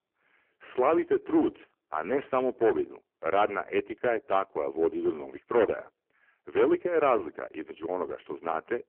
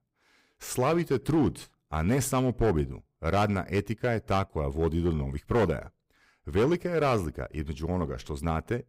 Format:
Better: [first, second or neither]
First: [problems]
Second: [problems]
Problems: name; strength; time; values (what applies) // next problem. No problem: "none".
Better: second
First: phone-call audio; poor line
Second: none